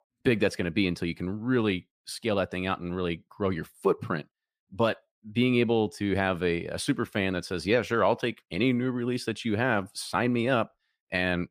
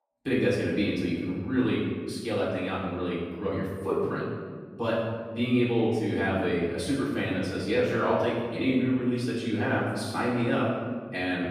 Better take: first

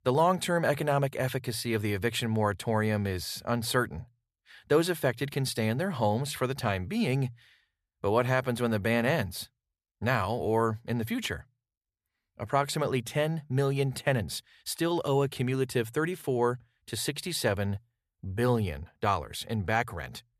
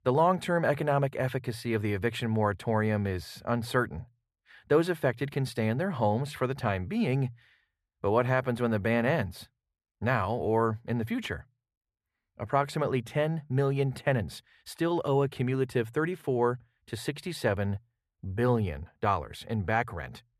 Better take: first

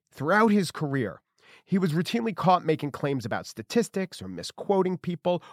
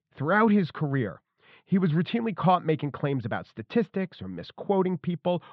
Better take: first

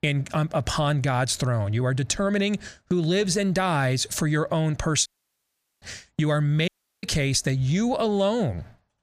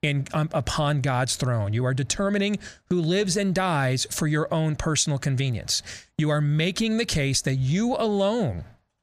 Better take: second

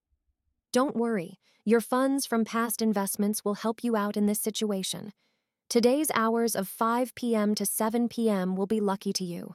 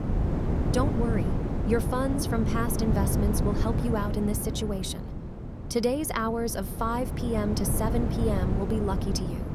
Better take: first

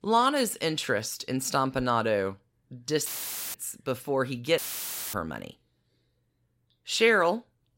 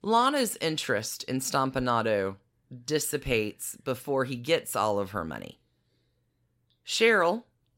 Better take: second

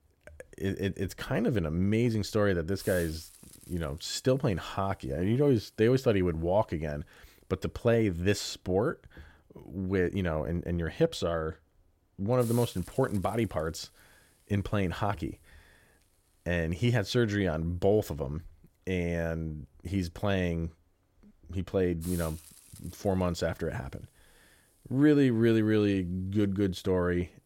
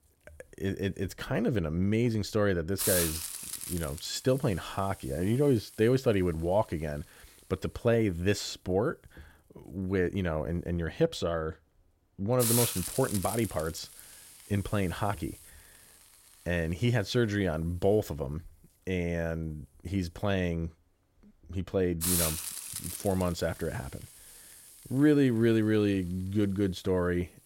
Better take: first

